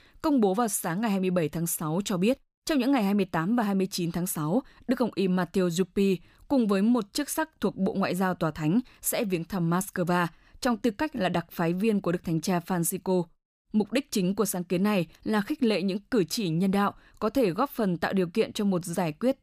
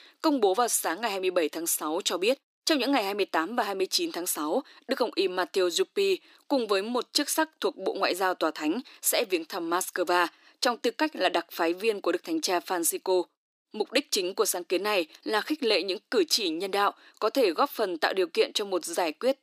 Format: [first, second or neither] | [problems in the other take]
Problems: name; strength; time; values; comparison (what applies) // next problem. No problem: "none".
first | thin; somewhat; fading below 300 Hz